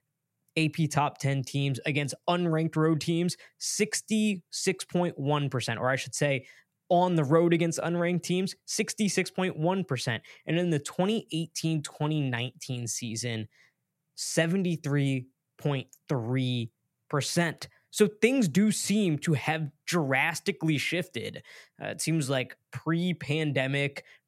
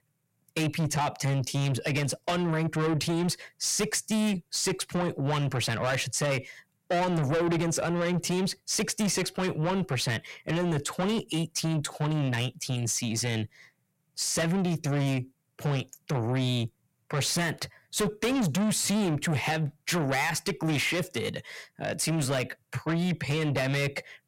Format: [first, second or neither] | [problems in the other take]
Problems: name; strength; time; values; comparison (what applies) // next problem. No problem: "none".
first | distortion; heavy; 6 dB below the speech